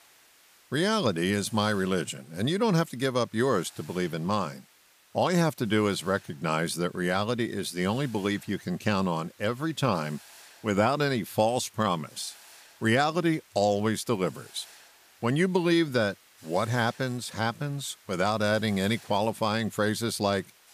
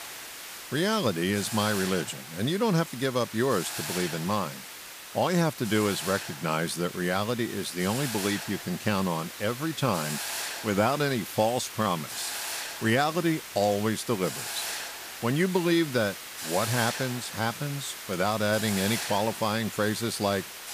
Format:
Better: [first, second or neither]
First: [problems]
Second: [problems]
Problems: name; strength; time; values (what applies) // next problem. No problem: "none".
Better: first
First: hiss; faint; throughout; 25 dB below the speech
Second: hiss; loud; throughout; 7 dB below the speech